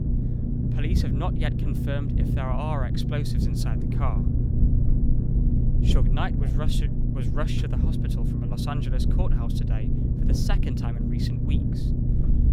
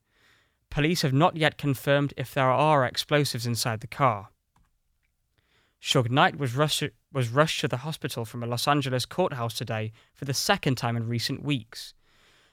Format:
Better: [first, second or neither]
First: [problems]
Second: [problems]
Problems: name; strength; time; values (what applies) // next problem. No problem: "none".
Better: second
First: low rumble; loud; throughout; as loud as the speech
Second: none